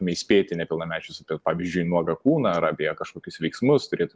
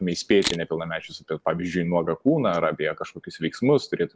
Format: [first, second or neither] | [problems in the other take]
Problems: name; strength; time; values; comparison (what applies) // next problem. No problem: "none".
first | background sound (Camera); 8 dB below the speech